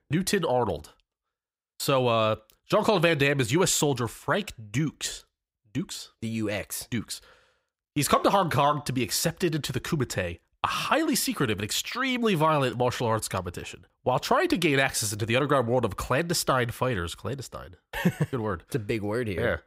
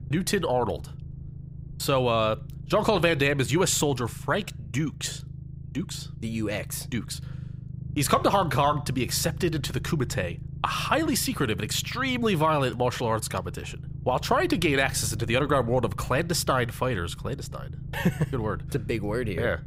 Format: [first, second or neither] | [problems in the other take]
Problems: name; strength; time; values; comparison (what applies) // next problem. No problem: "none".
first | low rumble; faint; throughout; 25 dB below the speech